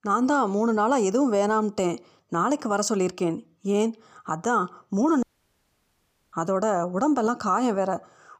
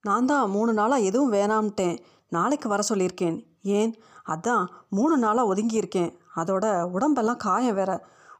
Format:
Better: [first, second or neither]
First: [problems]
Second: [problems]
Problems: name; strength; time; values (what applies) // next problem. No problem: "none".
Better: second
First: audio cutting out; at 5 s for 1 s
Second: none